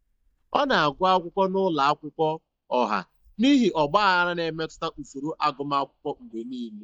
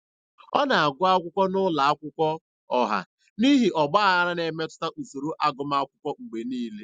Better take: second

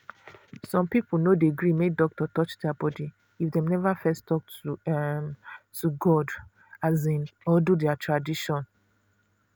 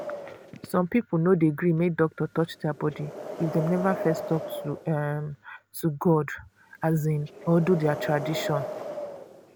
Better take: first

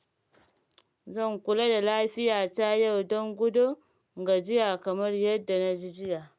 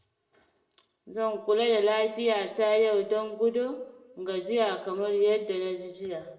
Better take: first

